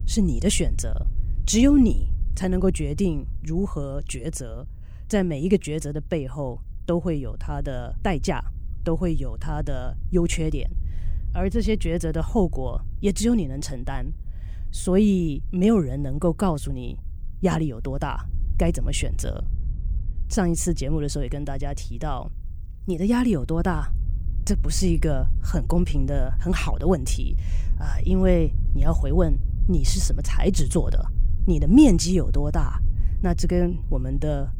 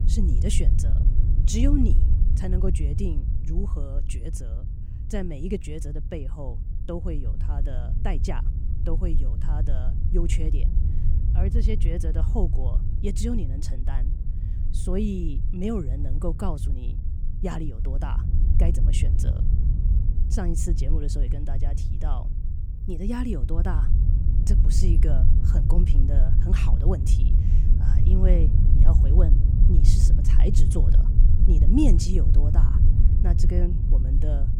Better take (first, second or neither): first